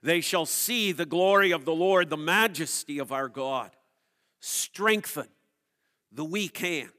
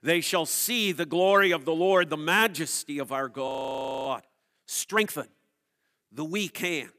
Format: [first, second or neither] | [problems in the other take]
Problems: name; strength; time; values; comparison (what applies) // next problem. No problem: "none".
first | audio freezing; at 3.5 s for 0.5 s